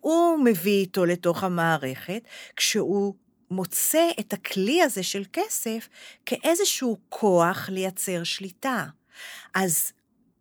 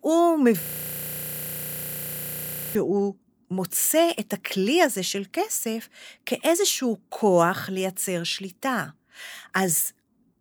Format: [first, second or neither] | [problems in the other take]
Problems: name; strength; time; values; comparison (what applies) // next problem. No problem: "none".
first | audio freezing; at 0.5 s for 2 s